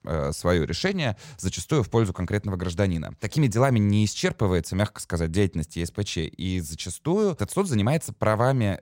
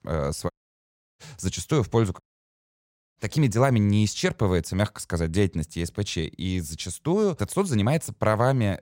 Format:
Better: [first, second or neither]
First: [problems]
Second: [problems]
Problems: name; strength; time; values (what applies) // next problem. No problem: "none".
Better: first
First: none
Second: audio cutting out; at 0.5 s for 0.5 s and at 2 s for 1 s